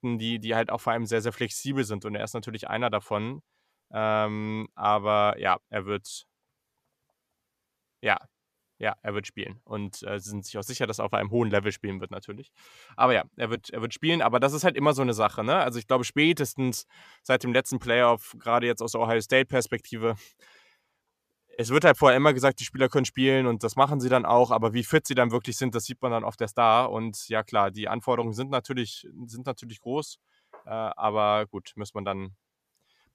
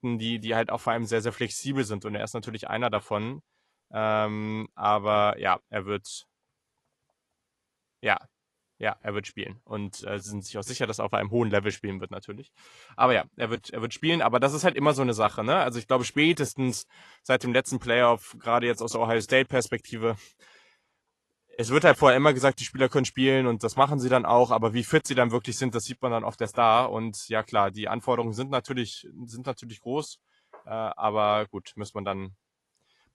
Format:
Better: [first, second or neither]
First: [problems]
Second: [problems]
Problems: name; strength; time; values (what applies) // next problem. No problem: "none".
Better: first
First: none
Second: garbled, watery; slightly; nothing above 11.5 kHz